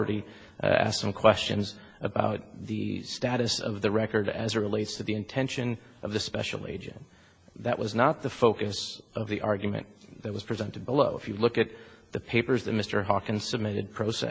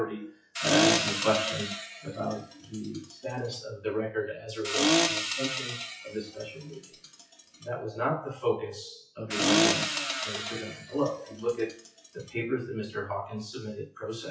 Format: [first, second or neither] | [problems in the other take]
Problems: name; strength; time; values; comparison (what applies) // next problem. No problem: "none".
first | noise reduction (classical method WPE with log-MMSE)